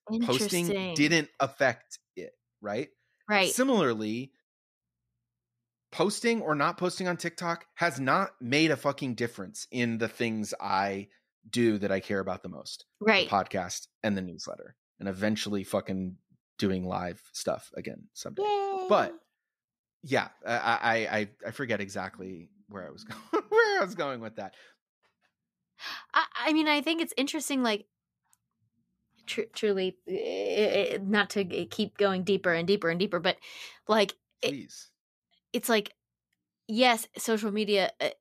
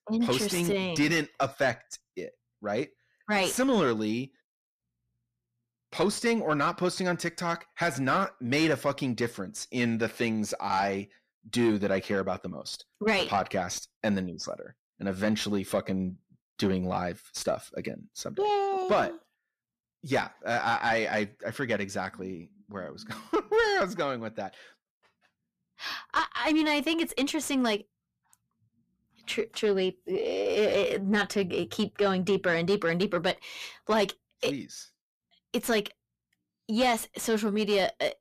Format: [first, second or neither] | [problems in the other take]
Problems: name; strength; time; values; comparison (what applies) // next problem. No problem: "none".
first | distortion; slight; 10 dB below the speech